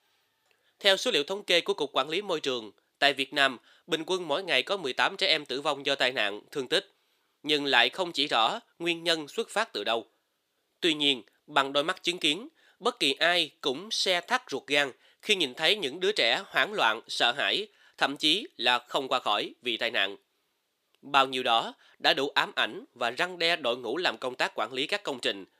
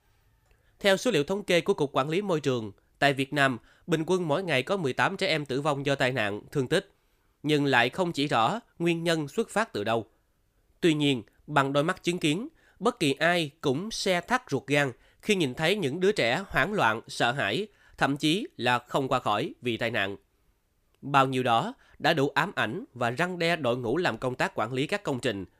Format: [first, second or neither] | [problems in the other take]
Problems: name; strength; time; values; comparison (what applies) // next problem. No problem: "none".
second | thin; somewhat; fading below 350 Hz